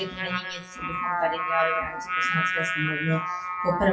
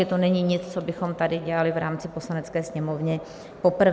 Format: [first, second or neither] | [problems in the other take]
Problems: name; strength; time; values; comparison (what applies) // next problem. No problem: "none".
second | noise reduction (classical method WPE with log-MMSE)